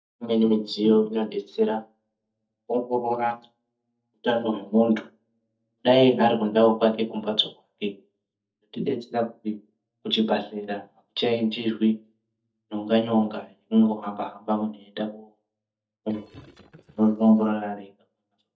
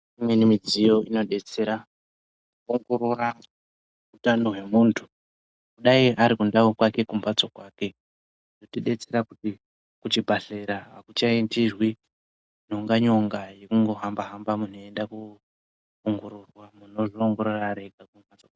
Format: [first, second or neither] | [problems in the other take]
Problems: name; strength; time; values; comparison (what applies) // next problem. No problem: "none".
second | noise reduction (neural mask model DeepFilterNet 3)